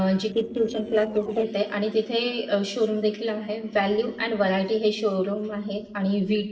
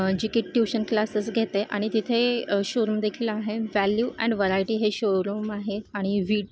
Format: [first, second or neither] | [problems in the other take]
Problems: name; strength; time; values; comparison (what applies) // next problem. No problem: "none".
second | noise reduction (neural separator model SepFormer DNS4)